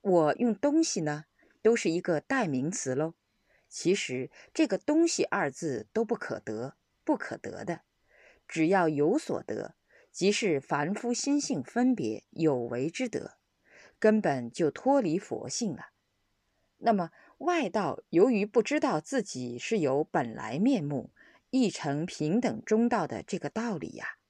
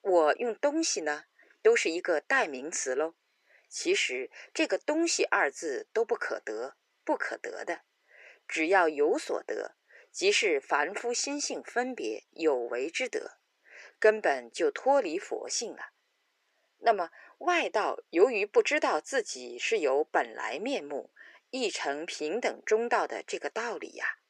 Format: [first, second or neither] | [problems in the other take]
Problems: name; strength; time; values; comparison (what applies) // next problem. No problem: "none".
first | thin; very; fading below 400 Hz